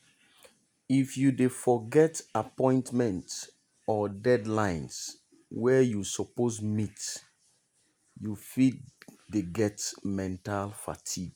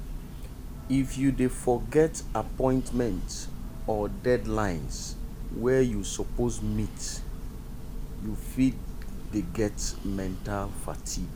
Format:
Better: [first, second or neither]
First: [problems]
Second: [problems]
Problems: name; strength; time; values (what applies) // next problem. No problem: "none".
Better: first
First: none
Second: background sound (Church bell); 5 dB below the speech